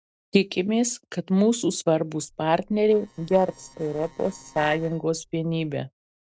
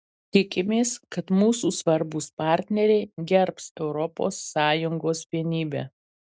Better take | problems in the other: second | noise reduction (neural separator model SepFormer DNS4)

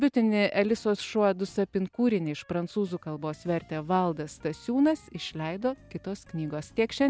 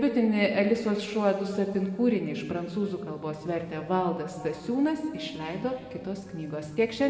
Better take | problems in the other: first | room echo; dies away in 1.9 s

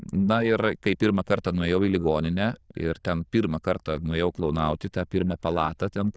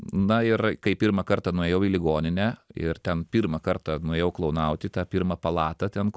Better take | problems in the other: second | noise reduction (neural diffusion model UNIVERSE++)

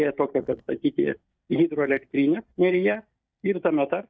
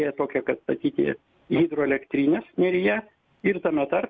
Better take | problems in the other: second | noise reduction (neural mask model DeepFilterNet 3)

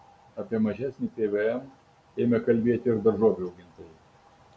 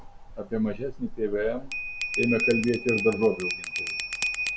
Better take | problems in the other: first | background sound (Bell); 4 dB below the speech

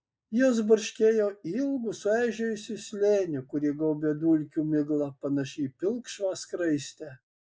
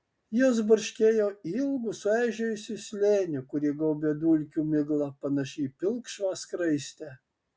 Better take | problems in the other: second | noise reduction (neural mask model Resemble Enhance denoiser)

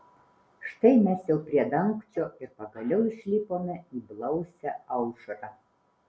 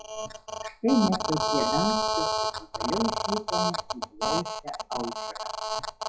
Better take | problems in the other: first | noise reduction (classical method WPE with log-MMSE)

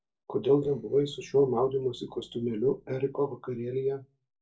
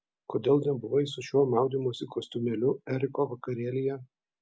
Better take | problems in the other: second | noise reduction (neural separator model SepFormer DNS4)

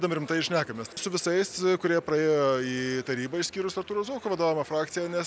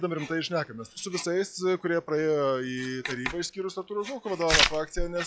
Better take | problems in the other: first | noise reduction (classical method log-MMSE)

